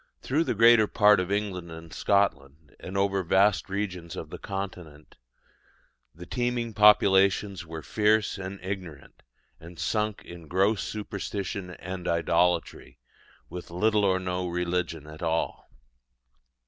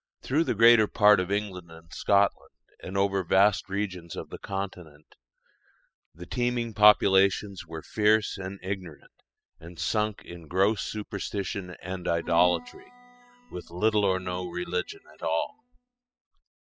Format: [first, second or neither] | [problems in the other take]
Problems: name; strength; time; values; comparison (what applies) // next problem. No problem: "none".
first | noise reduction (classical method spectral subtraction)